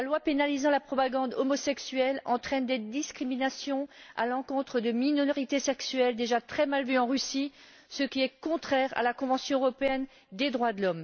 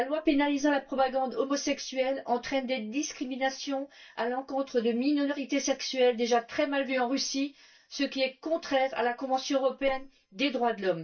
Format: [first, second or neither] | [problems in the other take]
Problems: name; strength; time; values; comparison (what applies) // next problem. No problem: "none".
first | noise reduction (neural mask model DeepFilterNet 3)